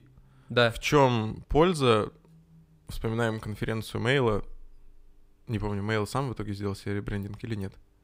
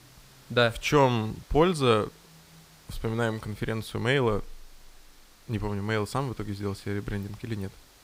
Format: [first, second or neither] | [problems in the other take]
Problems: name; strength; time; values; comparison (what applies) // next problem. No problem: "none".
first | hiss; faint; throughout; 25 dB below the speech